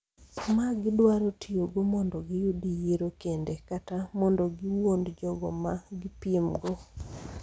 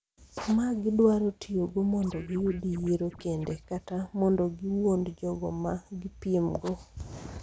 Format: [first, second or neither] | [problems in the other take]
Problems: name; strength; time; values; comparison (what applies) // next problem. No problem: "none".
first | background sound (Scratching (performance technique)); 20 dB below the speech